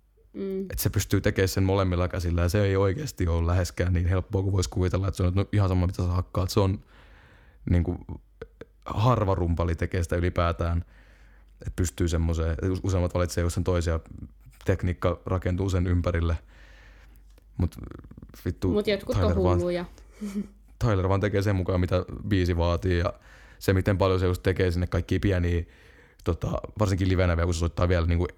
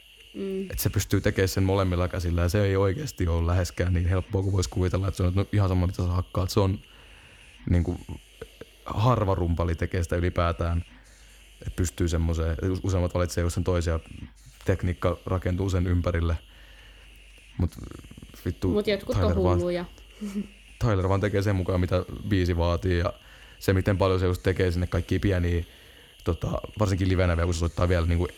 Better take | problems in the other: first | hiss; faint; throughout; 25 dB below the speech

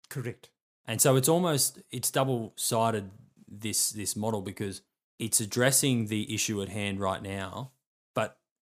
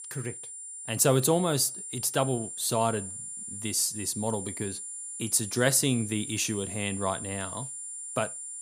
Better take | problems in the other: first | high-pitched whine; loud; throughout; 9.5 kHz, 8 dB below the speech

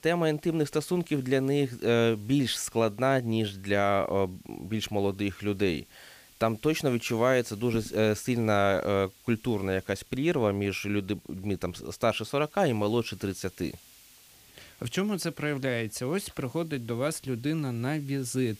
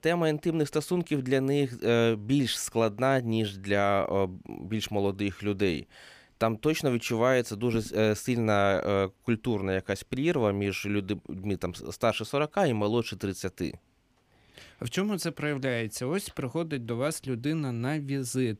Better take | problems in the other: second | hiss; faint; throughout; 25 dB below the speech

